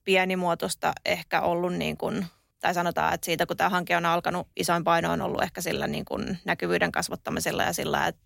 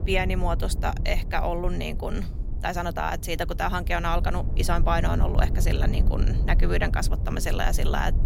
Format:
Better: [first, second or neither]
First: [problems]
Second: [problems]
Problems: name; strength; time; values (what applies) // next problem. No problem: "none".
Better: first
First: none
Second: low rumble; noticeable; throughout; 15 dB below the speech